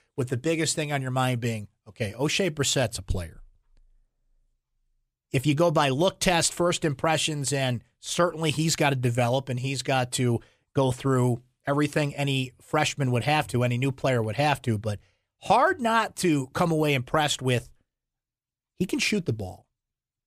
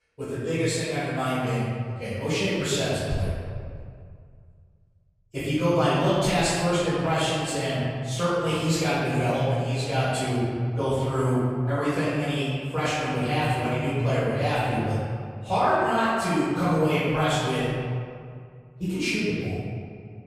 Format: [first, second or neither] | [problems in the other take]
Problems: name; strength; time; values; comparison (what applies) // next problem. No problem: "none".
first | off-mic speech; far // room echo; strong; dies away in 2 s